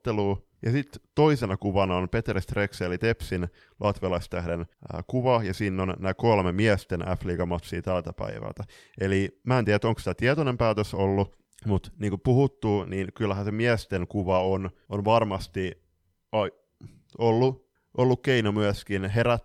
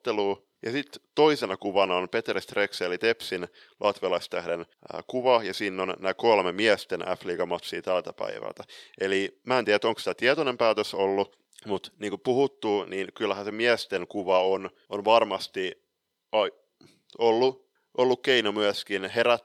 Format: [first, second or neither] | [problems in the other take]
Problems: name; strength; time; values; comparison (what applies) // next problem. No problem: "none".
first | thin; somewhat; fading below 400 Hz